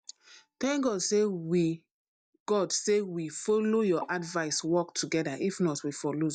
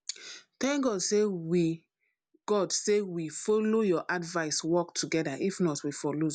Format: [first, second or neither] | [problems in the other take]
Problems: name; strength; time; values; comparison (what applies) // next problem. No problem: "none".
second | noise reduction (neural mask model DeepFilterNet 3)